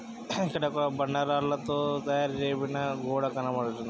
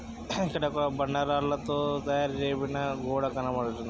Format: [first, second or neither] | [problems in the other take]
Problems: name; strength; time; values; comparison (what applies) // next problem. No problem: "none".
first | background sound (Car); 18 dB below the speech